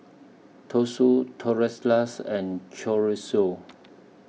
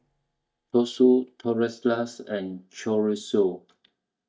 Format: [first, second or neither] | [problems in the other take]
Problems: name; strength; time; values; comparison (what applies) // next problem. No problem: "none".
first | noise reduction (neural mask model DeepFilterNet 3)